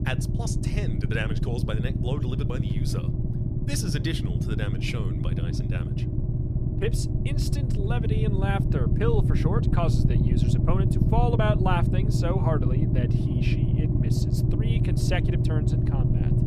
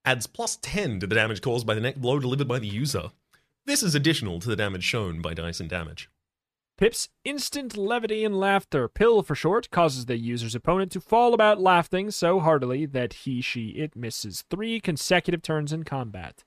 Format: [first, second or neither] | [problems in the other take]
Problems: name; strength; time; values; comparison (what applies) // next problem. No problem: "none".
second | low rumble; loud; throughout; 2 dB below the speech